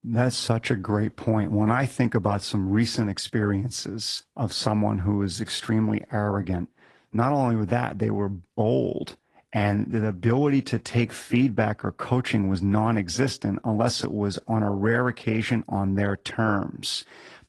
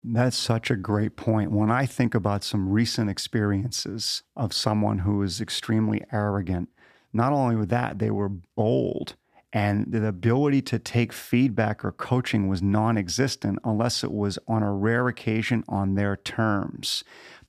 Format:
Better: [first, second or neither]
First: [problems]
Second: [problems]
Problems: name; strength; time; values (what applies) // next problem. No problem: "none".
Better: second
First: garbled, watery; slightly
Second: none